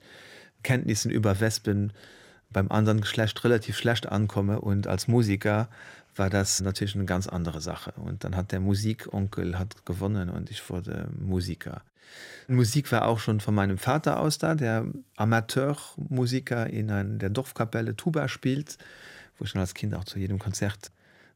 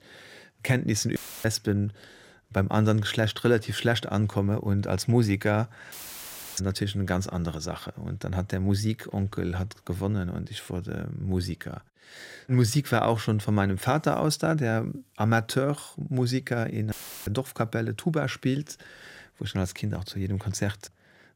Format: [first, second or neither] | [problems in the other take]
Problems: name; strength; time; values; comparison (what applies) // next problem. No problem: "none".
first | audio cutting out; filled with static; at 1 s, at 6 s for 0.5 s and at 17 s